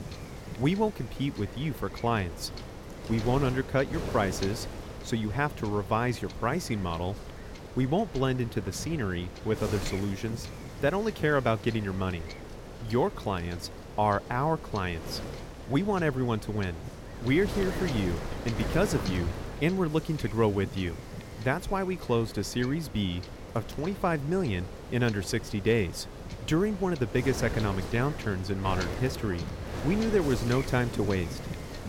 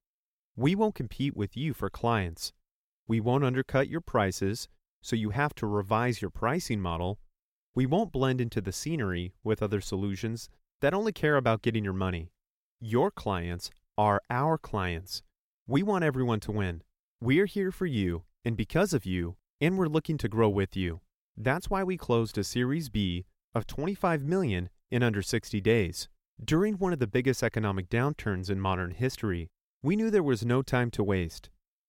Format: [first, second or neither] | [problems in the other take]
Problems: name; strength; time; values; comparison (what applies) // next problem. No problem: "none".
second | wind noise on the microphone; occasional gusts; 10 dB below the speech